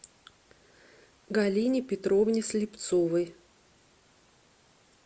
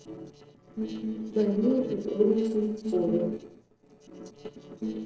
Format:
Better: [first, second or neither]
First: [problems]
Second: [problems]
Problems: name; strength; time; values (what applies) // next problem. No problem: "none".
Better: first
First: none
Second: noise reduction (neural separator model SepFormer DNS4)